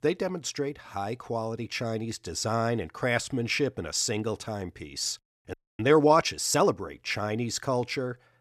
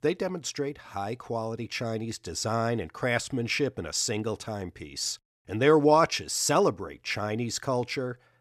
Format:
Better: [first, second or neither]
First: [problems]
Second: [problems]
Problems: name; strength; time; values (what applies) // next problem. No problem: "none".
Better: second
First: audio freezing; at 5.5 s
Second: none